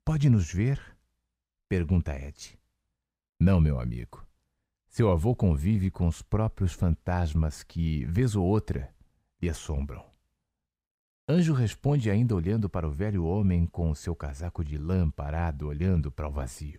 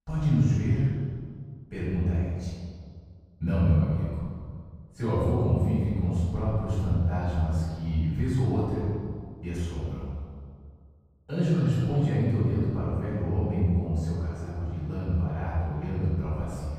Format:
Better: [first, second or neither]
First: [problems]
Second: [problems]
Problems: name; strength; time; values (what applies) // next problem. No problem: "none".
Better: first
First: none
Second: off-mic speech; far // room echo; strong; dies away in 1.8 s